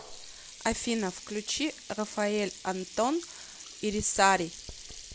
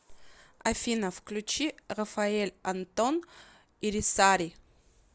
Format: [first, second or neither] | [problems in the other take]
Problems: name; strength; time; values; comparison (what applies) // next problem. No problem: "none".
second | background sound (Sink (filling or washing)); 14 dB below the speech